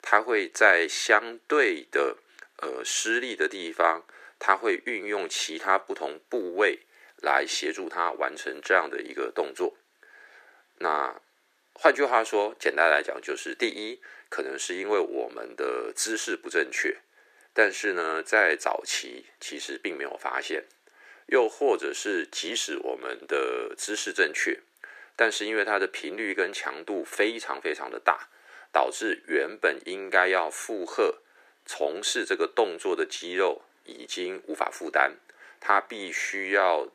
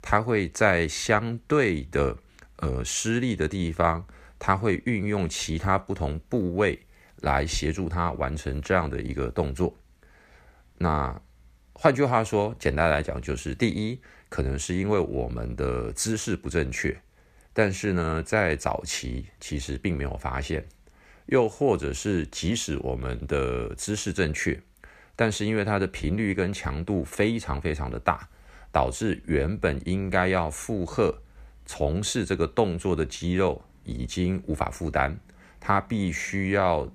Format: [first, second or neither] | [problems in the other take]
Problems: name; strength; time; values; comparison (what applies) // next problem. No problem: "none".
second | thin; very; fading below 350 Hz